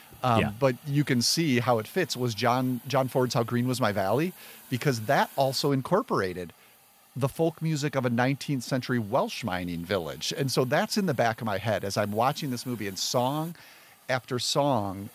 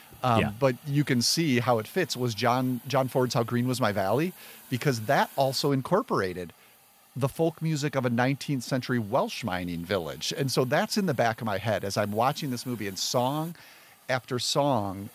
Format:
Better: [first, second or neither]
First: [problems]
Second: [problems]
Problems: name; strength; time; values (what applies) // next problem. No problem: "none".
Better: neither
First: hiss; faint; throughout; 25 dB below the speech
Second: hiss; faint; throughout; 25 dB below the speech